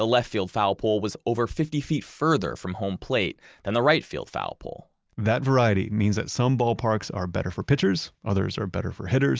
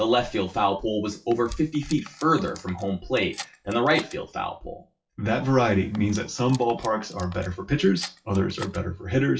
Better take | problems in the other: first | noise reduction (classical method WPE with log-MMSE)

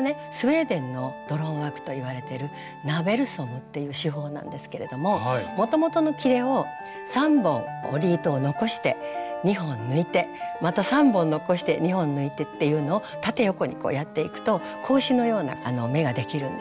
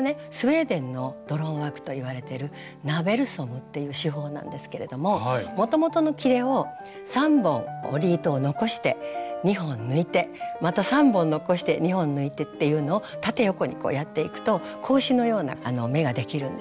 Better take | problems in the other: second | background sound (Trumpet); 17 dB below the speech

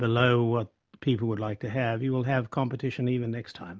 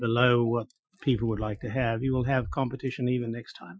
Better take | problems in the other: first | noise reduction (classical method Wiener filter)

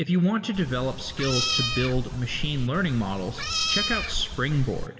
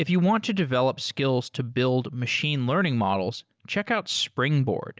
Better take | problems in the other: second | background sound (Meow); 3 dB below the speech // room echo; dies away in 1.7 s

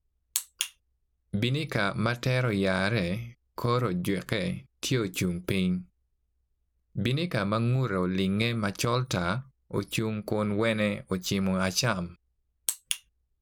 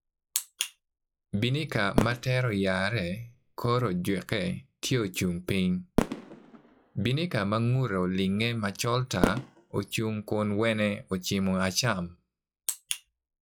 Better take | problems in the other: first | noise reduction (classical method log-MMSE)

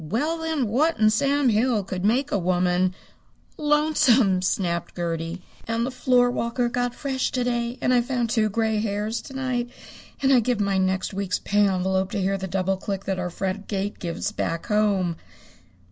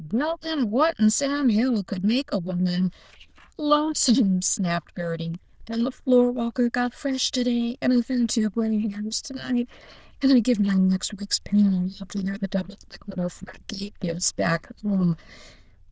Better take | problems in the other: first | noise reduction (neural diffusion model UNIVERSE++)

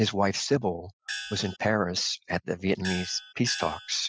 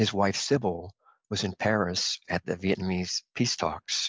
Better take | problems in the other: second | noise reduction (classical method spectral subtraction)

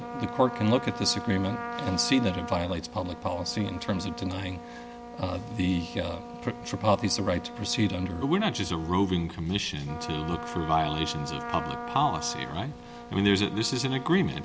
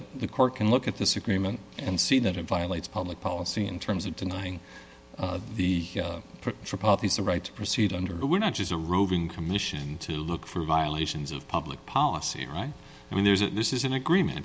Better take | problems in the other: second | background sound (Trumpet); 11 dB below the speech

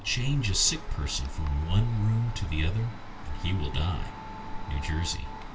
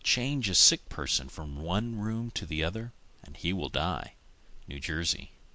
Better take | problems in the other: second | background sound (Domestic sounds, home sounds); 15 dB below the speech // room echo; dies away in 0.2 s

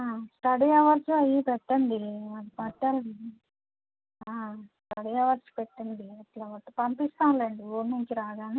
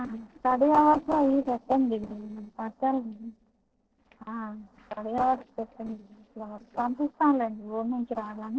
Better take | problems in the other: first | noise reduction (neural separator model SepFormer DNS4)

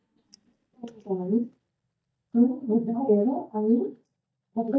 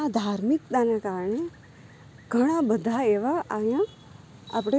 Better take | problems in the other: second | noise reduction (neural mask model DeepFilterNet 3)

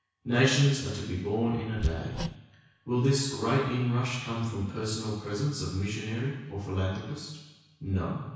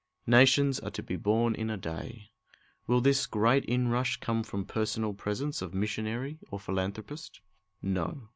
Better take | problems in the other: second | background sound (Hammer); 6 dB below the speech // room echo; dies away in 1.1 s

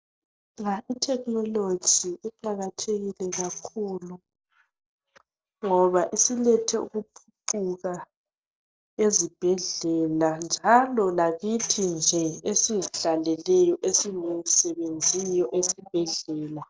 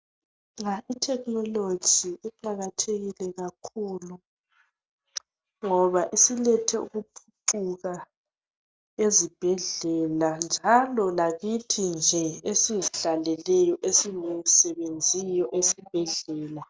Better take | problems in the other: second | noise reduction (neural separator model SepFormer DNS4)

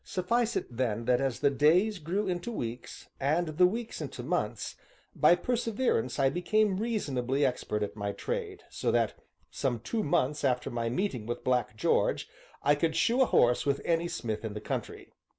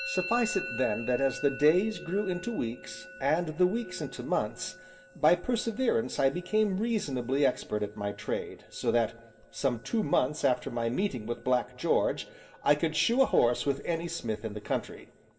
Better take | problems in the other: first | background sound (Musical instrument); 17 dB below the speech // room echo; dies away in 0.3 s

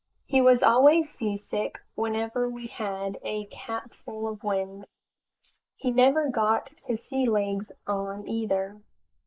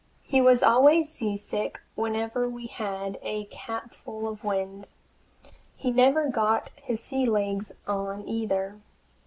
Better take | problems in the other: second | noise reduction (neural mask model Resemble Enhance denoiser)

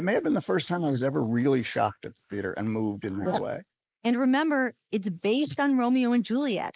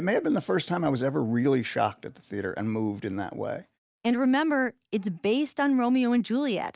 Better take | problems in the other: second | noise reduction (neural mask model Resemble Enhance denoiser)

